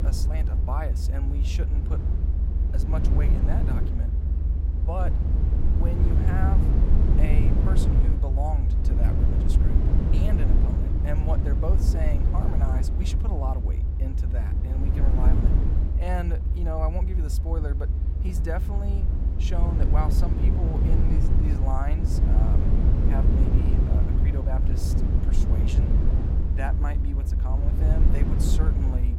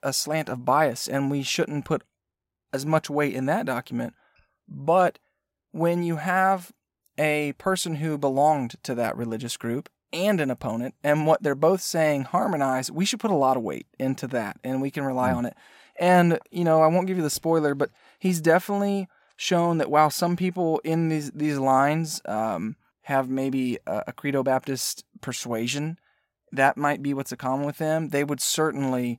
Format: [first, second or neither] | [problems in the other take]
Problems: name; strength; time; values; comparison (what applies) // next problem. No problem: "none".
second | low rumble; loud; throughout; as loud as the speech